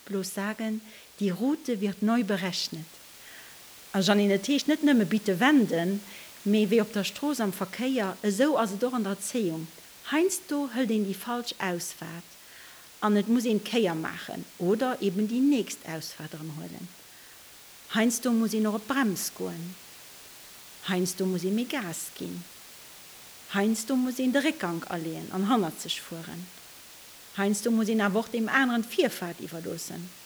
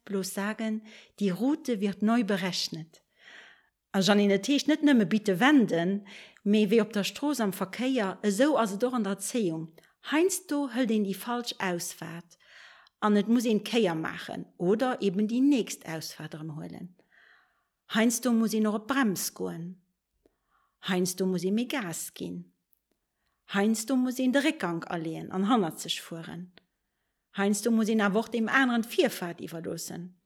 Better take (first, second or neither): second